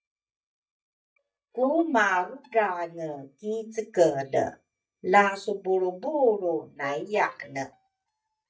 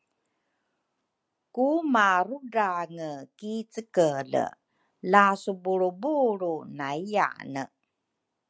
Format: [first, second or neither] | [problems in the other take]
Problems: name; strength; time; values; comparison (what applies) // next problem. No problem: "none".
second | noise reduction (neural mask model DeepFilterNet 3)